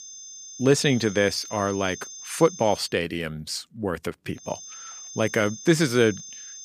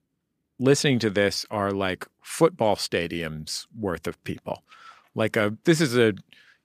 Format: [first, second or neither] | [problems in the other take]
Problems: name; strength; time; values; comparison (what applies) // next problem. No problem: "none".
second | high-pitched whine; noticeable; until 3 s and from 4.5 s on; 6.5 kHz, 15 dB below the speech